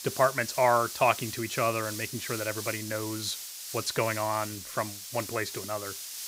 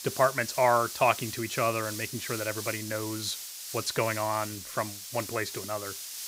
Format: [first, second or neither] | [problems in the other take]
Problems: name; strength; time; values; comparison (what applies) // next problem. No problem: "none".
neither | hiss; loud; throughout; 7 dB below the speech; the same in both